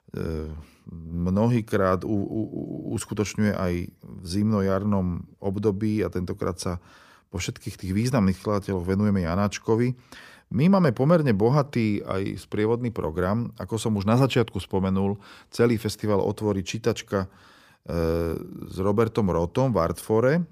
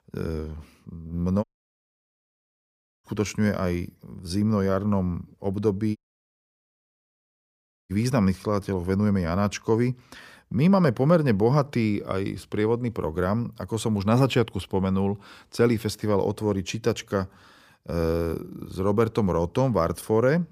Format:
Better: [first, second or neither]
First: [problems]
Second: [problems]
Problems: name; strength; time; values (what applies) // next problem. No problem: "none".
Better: first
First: none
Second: audio cutting out; at 1.5 s for 1.5 s and at 6 s for 2 s